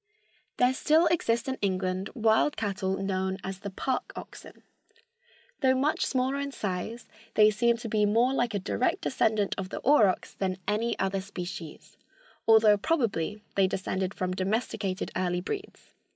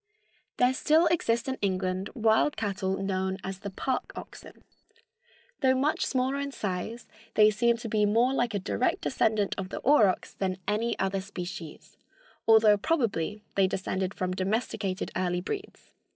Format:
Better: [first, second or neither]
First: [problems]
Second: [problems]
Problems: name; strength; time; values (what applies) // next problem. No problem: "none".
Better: first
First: none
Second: noise reduction (neural separator model SepFormer DNS4)